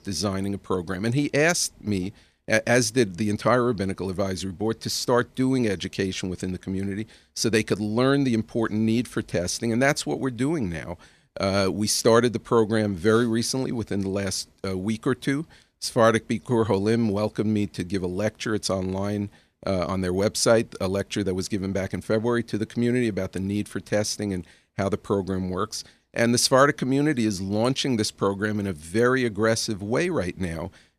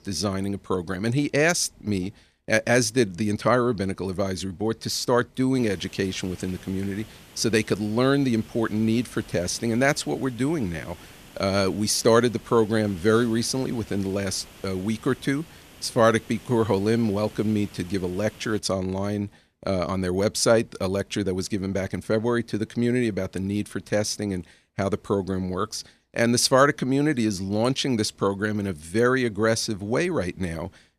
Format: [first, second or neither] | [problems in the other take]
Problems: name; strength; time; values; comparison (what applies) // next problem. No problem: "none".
first | hiss; faint; from 5.5 to 19 s; 20 dB below the speech